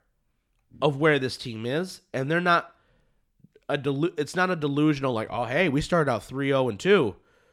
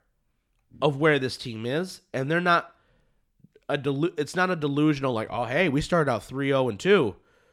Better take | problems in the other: neither | none

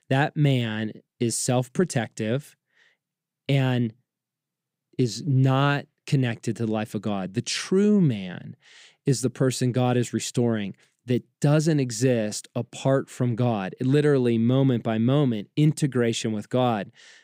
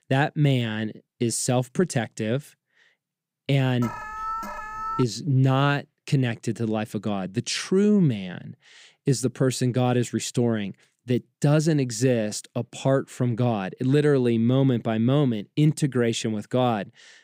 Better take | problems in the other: first | alarm; noticeable; from 4 to 5 s; peak 6 dB below the speech

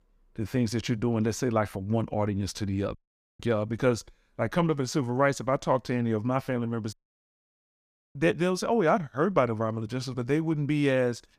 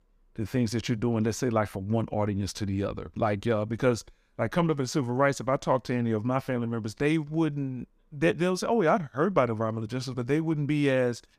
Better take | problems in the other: second | audio cutting out; at 3 s and at 7 s for 1 s

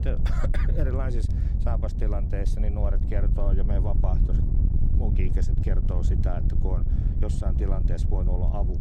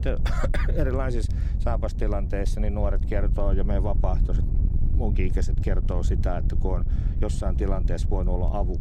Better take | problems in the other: second | wind noise on the microphone; heavy; 4 dB below the speech; occasional gusts in the second

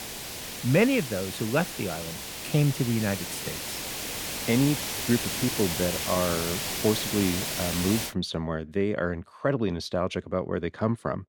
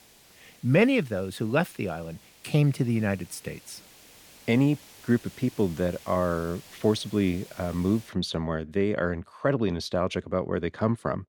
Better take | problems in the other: second | hiss; loud; until 8 s; 3 dB below the speech; faint in the second

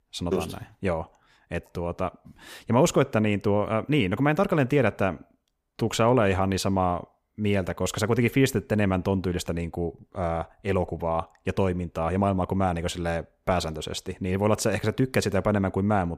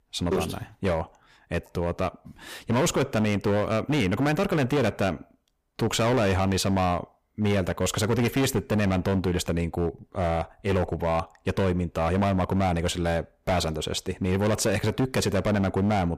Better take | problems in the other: first | distortion; heavy; 15% of the sound clipped

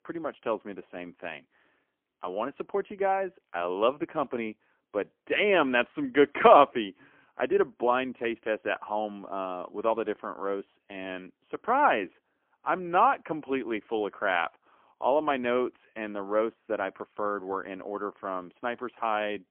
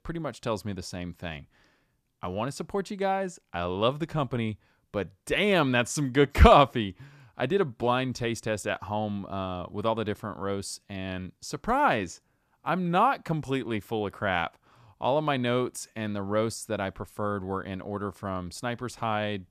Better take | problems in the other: second | phone-call audio; poor line; nothing above 3 kHz

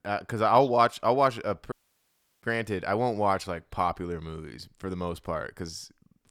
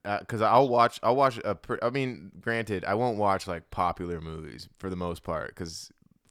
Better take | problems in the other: second | audio cutting out; at 1.5 s for 0.5 s

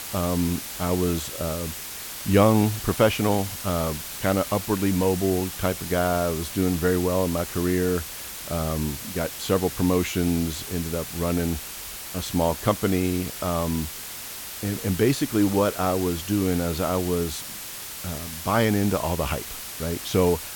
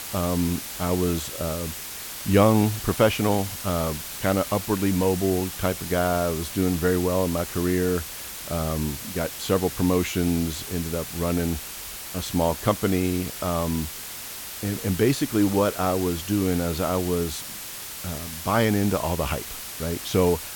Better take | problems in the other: neither | hiss; loud; throughout; 8 dB below the speech; the same in both

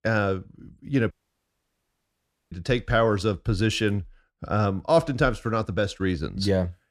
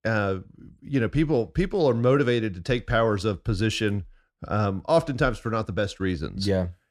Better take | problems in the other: second | audio cutting out; at 1 s for 1.5 s

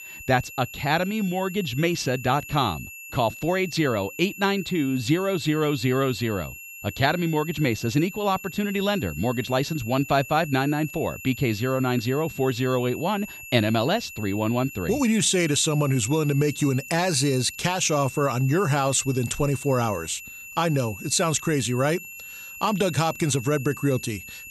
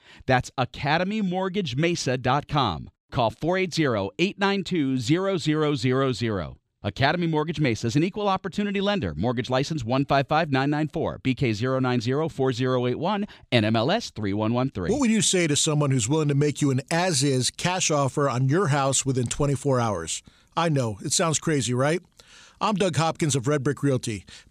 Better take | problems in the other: second | high-pitched whine; noticeable; throughout; 2.5 kHz, 15 dB below the speech

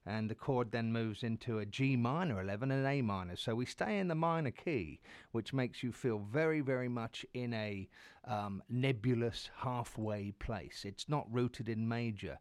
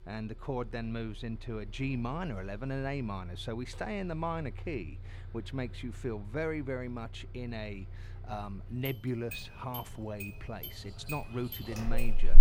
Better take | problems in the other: first | traffic noise; loud; throughout; 6 dB below the speech

